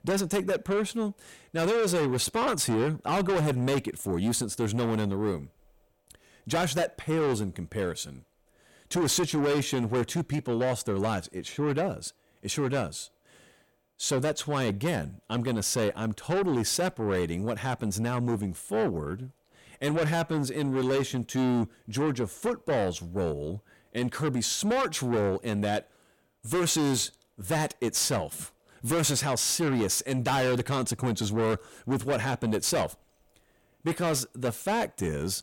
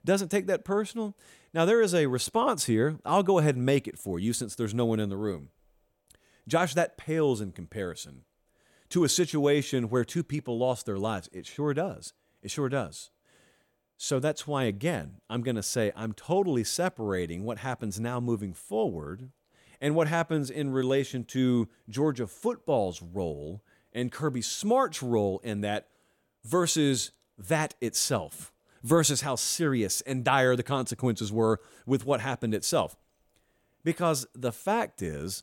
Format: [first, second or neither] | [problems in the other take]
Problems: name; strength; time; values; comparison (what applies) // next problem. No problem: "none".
second | distortion; heavy; 7 dB below the speech